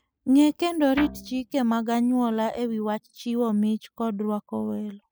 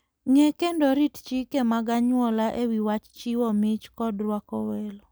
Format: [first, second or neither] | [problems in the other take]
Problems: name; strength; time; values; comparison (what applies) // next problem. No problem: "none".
second | noise reduction (classical method spectral subtraction)